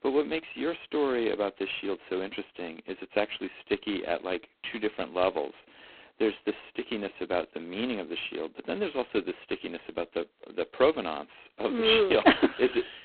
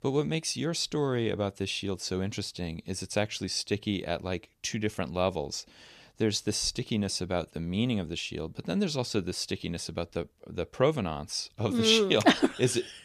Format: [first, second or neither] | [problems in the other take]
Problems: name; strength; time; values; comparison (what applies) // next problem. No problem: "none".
second | phone-call audio; poor line